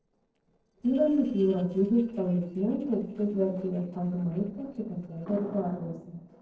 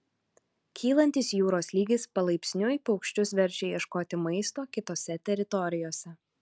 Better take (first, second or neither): second